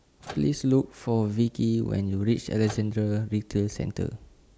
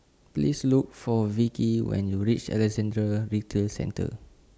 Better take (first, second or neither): second